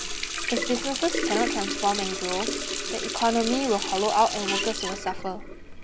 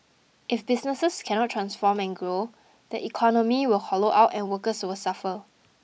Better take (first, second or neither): second